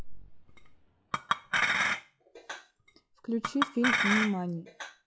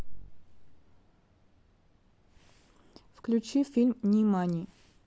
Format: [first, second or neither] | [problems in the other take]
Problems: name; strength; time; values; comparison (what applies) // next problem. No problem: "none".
second | noise reduction (classical method log-MMSE)